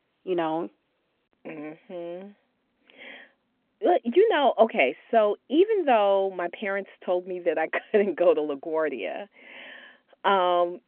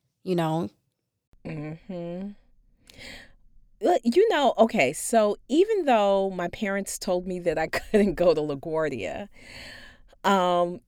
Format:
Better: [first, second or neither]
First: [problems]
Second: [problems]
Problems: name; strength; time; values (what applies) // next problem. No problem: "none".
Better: second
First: phone-call audio; nothing above 3 kHz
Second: none